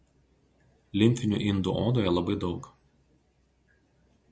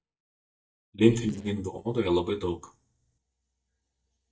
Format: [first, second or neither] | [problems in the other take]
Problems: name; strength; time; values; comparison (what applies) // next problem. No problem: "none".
first | noise reduction (neural mask model DeepFilterNet 3)